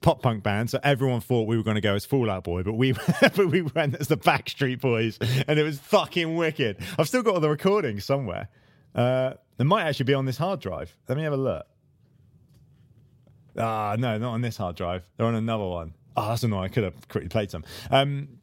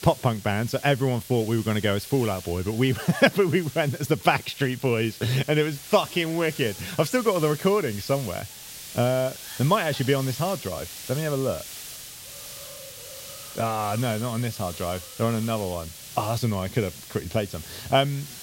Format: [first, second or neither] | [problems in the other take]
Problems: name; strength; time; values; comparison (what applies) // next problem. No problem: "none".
first | hiss; noticeable; throughout; 15 dB below the speech